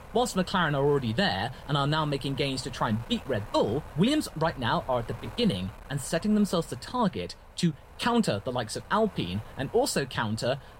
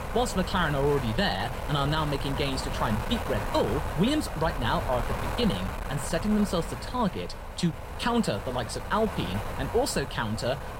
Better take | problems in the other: first | wind noise on the microphone; heavy; 6 dB below the speech; occasional gusts in the first

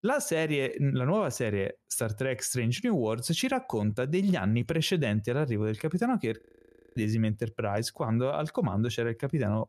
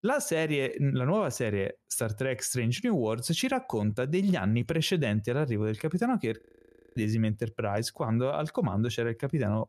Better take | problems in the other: neither | audio freezing; at 6.5 s for 0.5 s; the same in both

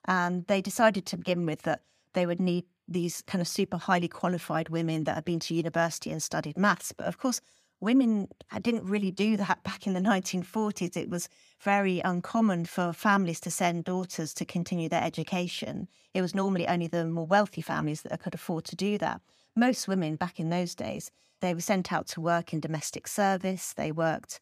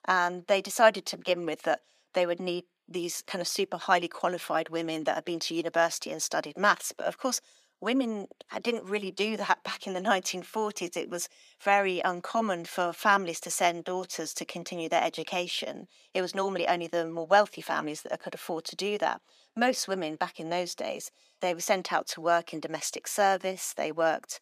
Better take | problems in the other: first | thin; somewhat; fading below 450 Hz

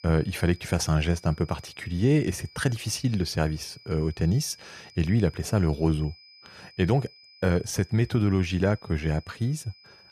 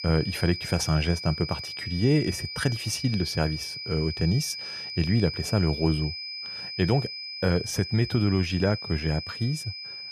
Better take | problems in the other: first | high-pitched whine; loud; throughout; 5 kHz, 7 dB below the speech; faint in the first

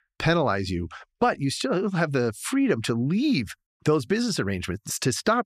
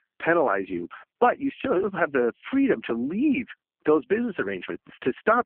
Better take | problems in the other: first | phone-call audio; poor line

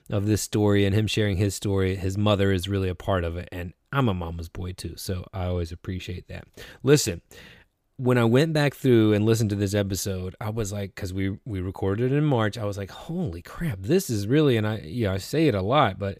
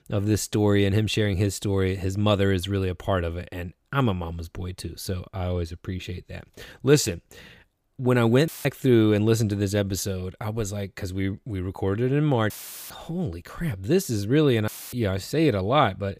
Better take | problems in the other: first | audio cutting out; filled with static; at 8.5 s, at 13 s and at 15 s

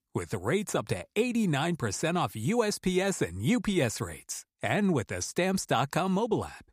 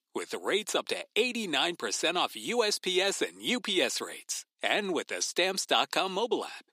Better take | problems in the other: first | thin; somewhat; fading below 300 Hz

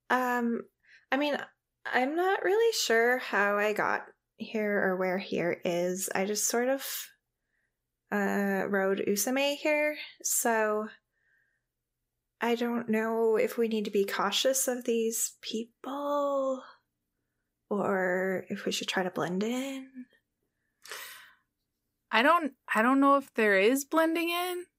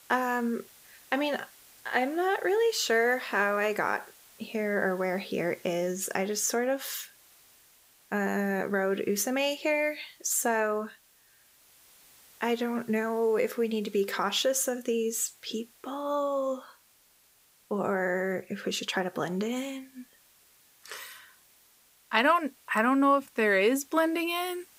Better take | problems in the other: first | hiss; faint; throughout; 25 dB below the speech

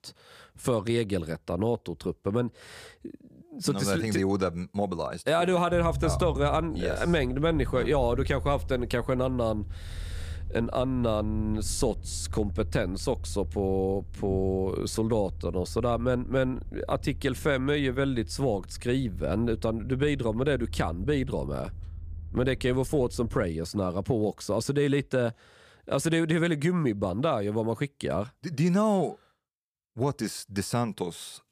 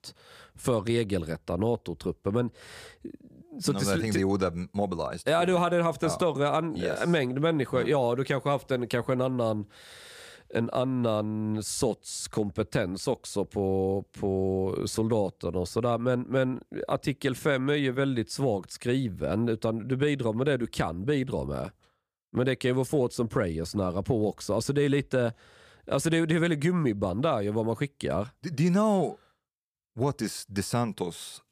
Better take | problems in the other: second | low rumble; faint; from 5.5 to 23 s; 25 dB below the speech

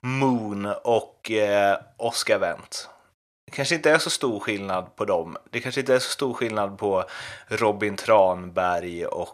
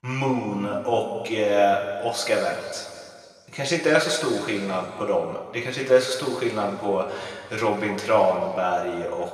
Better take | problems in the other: first | room echo; noticeable; dies away in 2 s // off-mic speech; far

